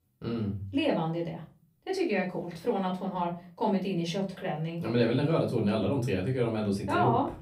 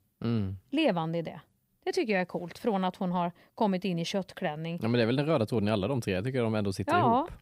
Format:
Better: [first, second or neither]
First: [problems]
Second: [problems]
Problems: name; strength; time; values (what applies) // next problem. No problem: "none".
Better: second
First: off-mic speech; far // room echo; slight; dies away in 0.3 s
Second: none